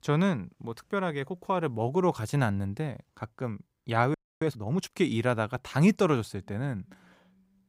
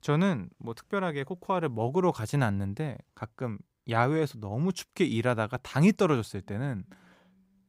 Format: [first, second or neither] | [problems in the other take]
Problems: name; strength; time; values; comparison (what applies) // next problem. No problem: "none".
second | audio freezing; at 4 s